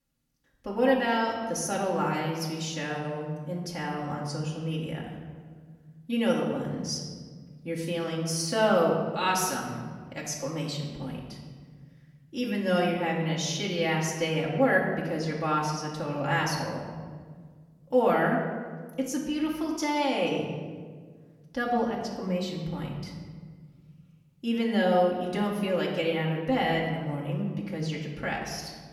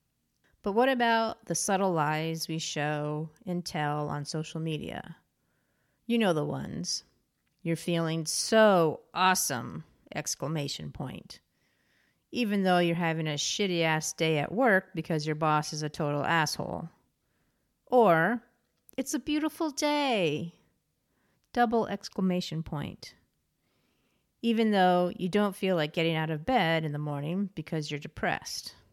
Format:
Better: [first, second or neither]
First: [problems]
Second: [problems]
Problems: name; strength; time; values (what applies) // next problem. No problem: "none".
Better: second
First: room echo; noticeable; dies away in 1.4 s // off-mic speech; far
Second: none